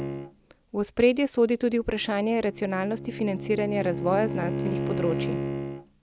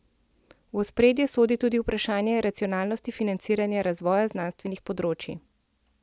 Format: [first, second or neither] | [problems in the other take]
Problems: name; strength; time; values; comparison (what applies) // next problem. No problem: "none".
second | background sound (Bowed string instrument); 6 dB below the speech